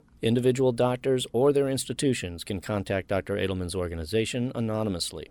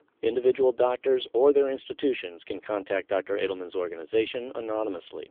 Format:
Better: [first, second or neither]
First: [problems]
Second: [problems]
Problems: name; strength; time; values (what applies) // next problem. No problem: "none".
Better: first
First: none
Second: phone-call audio; poor line; nothing above 3.5 kHz